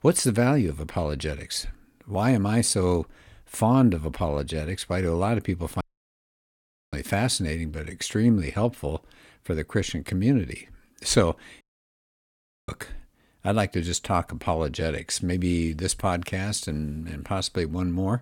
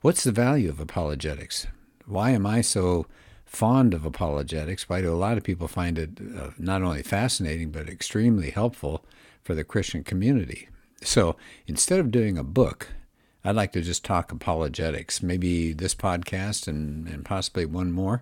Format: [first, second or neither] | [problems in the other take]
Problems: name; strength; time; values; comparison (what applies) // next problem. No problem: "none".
second | audio cutting out; at 6 s for 1 s and at 12 s for 1 s